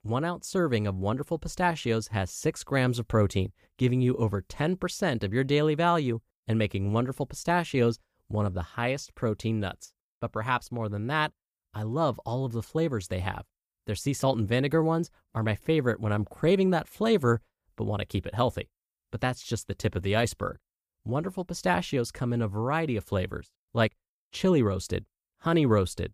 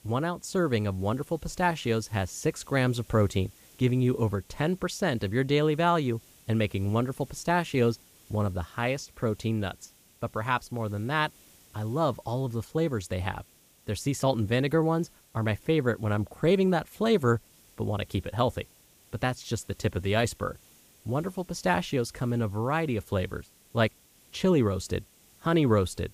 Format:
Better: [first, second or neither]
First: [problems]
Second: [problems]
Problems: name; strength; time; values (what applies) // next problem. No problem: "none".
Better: first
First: none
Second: hiss; faint; throughout; 25 dB below the speech